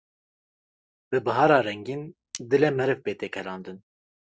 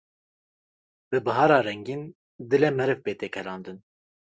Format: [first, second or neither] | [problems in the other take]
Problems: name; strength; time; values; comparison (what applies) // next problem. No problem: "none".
second | background sound (Cutlery, silverware); 20 dB below the speech